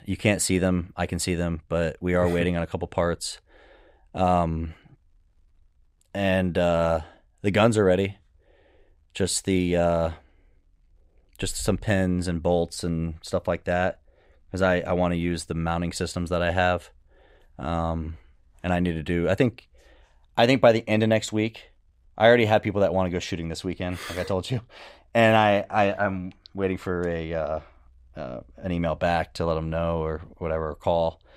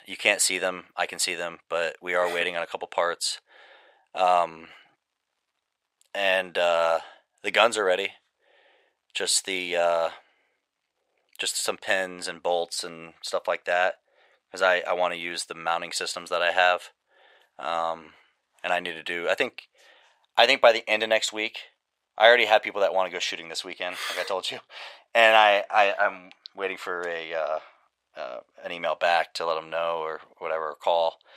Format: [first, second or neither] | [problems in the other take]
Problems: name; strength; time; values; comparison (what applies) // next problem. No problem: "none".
first | thin; very; fading below 750 Hz